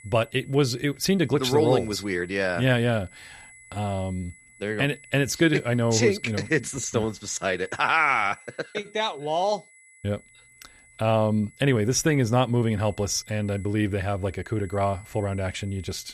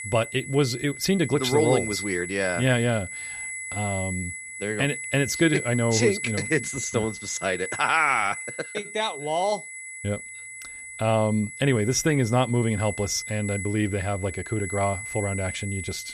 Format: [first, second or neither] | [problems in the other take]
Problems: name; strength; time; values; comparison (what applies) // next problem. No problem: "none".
first | high-pitched whine; loud; throughout; 2 kHz, 8 dB below the speech; faint in the first